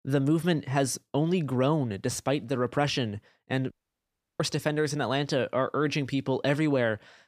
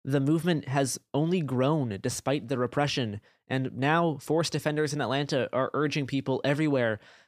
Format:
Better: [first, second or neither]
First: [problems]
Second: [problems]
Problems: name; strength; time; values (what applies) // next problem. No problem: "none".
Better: second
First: audio cutting out; at 3.5 s for 0.5 s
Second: none